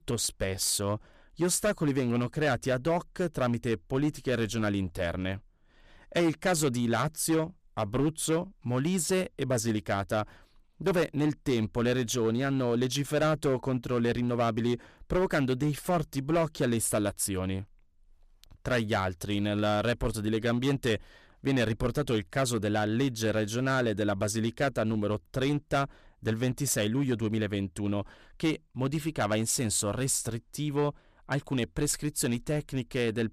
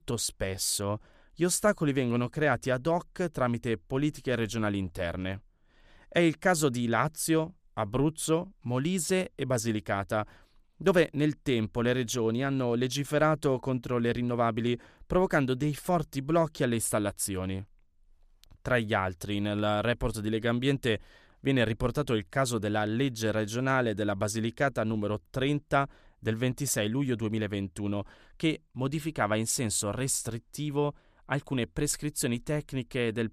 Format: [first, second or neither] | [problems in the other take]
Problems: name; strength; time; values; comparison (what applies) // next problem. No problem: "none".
second | distortion; slight; 6% of the sound clipped